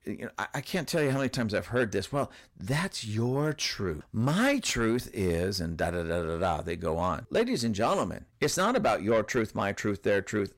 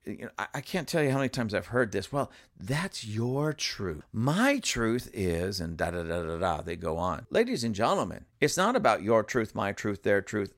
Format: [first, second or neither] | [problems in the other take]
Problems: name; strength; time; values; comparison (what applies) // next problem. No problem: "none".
second | distortion; slight; 10 dB below the speech